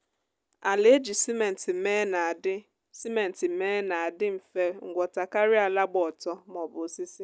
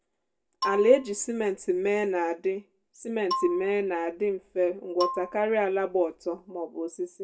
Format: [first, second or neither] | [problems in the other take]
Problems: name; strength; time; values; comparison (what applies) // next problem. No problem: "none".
first | background sound (Marimba, xylophone); 10 dB below the speech // room echo; dies away in 0.2 s